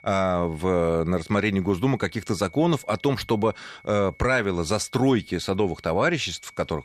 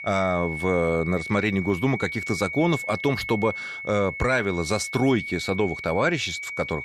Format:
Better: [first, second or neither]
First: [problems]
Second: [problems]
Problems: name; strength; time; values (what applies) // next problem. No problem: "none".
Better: first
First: high-pitched whine; faint; throughout; 2 kHz, 25 dB below the speech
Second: high-pitched whine; loud; throughout; 2 kHz, 7 dB below the speech